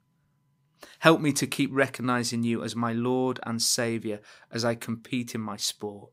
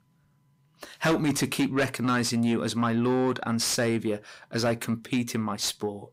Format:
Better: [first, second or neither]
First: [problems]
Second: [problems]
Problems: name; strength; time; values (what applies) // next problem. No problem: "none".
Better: first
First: none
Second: distortion; heavy; 6 dB below the speech